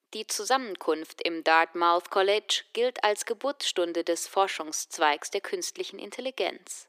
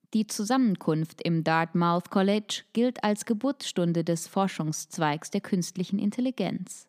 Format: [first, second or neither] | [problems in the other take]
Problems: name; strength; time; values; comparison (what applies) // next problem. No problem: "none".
second | thin; very; fading below 350 Hz